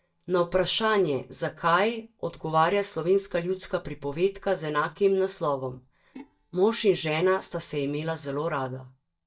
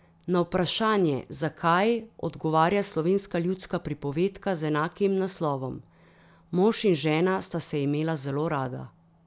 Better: second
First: noise reduction (neural mask model DeepFilterNet 3)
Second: none

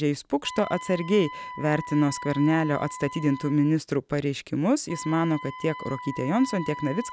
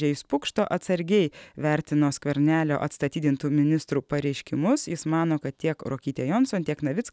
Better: second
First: background sound (Wind instrument, woodwind instrument); 14 dB below the speech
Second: none

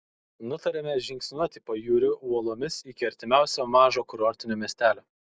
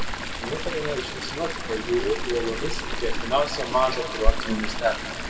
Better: first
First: none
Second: background sound (Chatter / Stream); 1 dB above the speech // room echo; dies away in 1.9 s

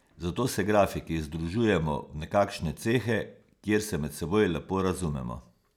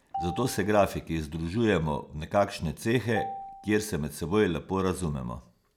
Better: first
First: none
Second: background sound (Marimba, xylophone); 14 dB below the speech

